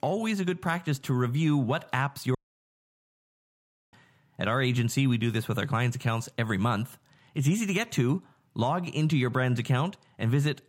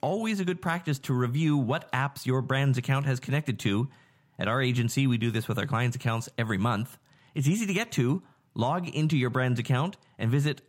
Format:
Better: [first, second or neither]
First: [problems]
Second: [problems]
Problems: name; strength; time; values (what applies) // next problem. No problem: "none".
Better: second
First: audio cutting out; at 2.5 s for 1.5 s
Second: none